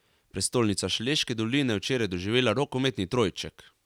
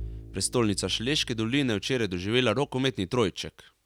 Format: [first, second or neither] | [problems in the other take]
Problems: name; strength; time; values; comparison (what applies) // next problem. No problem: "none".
first | background sound (Bowed string instrument); 18 dB below the speech